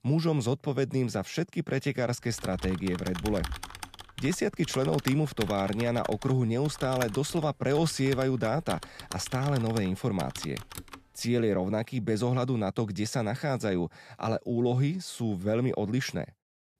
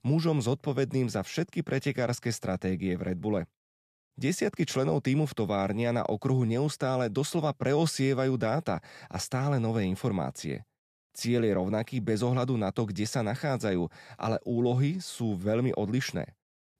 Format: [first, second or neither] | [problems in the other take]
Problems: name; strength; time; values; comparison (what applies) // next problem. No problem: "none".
second | keyboard typing; noticeable; from 2.5 to 11 s; peak 7 dB below the speech